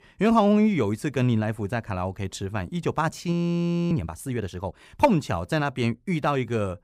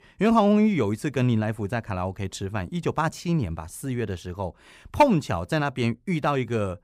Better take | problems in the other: second | audio freezing; at 3.5 s for 0.5 s

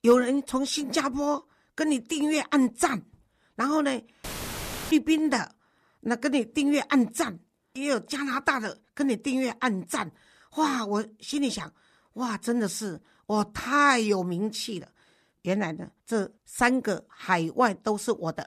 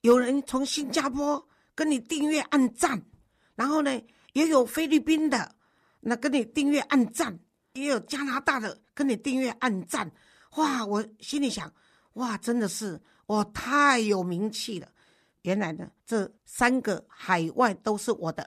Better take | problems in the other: second | audio cutting out; filled with static; at 4 s for 0.5 s

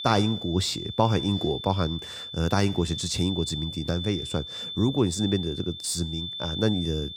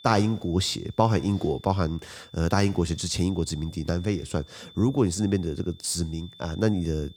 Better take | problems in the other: second | high-pitched whine; loud; throughout; 3.5 kHz, 7 dB below the speech; faint in the second

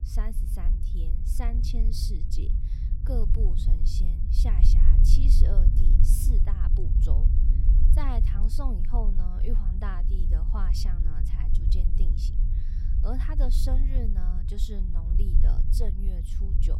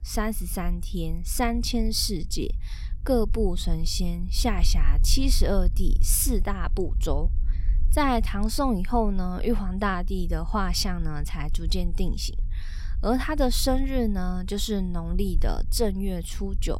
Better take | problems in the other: second | low rumble; loud; throughout; 3 dB below the speech; faint in the second

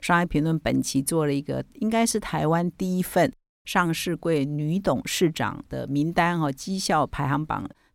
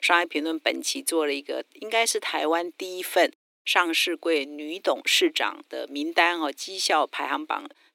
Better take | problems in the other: first | thin; very; fading below 300 Hz

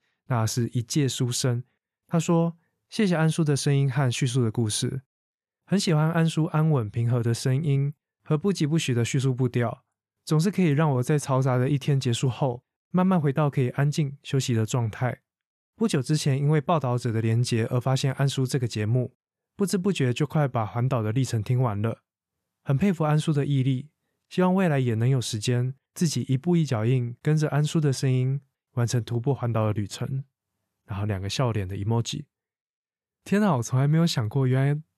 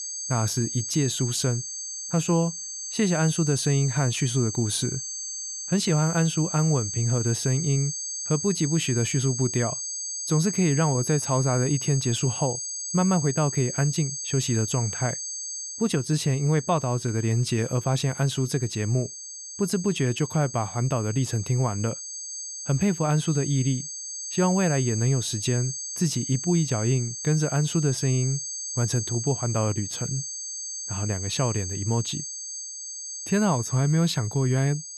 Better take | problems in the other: first | high-pitched whine; loud; throughout; 6.5 kHz, 6 dB below the speech

